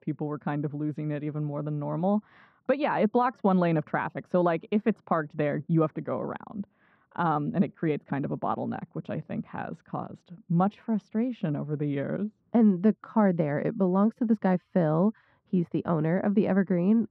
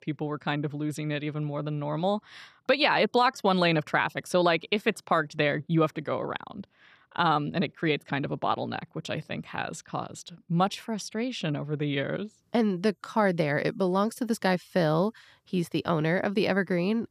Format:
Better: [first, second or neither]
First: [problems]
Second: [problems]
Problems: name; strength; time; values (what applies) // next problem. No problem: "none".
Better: second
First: muffled; very; fading above 3.5 kHz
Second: none